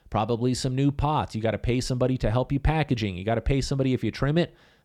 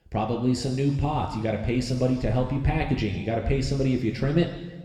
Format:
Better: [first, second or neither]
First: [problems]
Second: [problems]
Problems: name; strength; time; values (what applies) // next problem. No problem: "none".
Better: first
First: none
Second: room echo; noticeable; dies away in 1.2 s // off-mic speech; somewhat distant